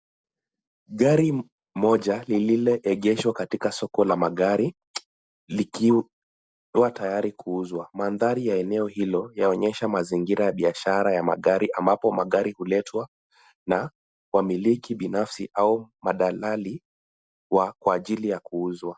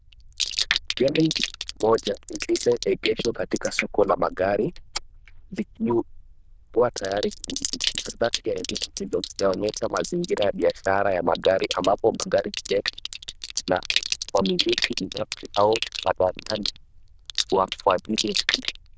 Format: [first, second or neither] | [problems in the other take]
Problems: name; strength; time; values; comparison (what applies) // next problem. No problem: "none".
first | noise reduction (neural diffusion model UNIVERSE++)